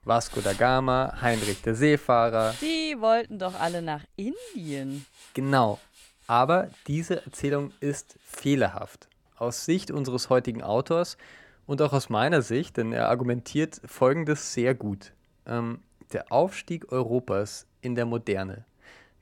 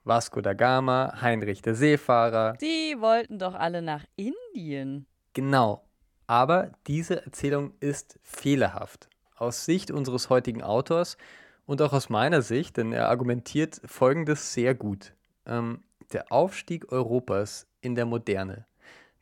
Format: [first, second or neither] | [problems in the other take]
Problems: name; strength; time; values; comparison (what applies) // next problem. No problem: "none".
second | machinery noise; noticeable; throughout; 15 dB below the speech